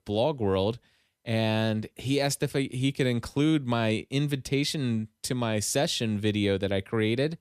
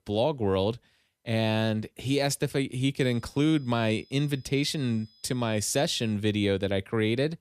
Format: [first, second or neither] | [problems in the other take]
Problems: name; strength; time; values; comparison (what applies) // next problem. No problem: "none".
first | high-pitched whine; faint; from 3 to 6 s; 5 kHz, 30 dB below the speech